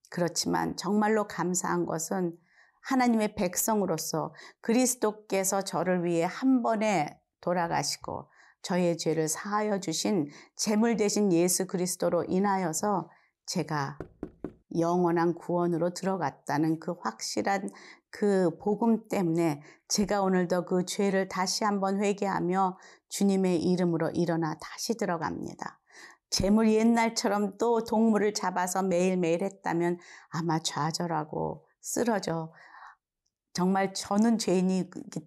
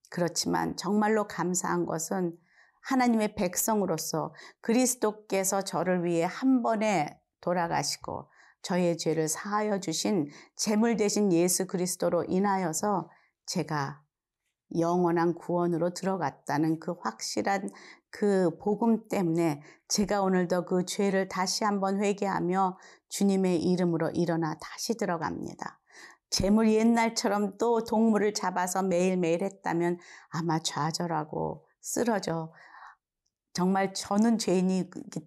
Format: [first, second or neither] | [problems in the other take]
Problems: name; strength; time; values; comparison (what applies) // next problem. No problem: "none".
second | door banging; faint; at 14 s; peak 15 dB below the speech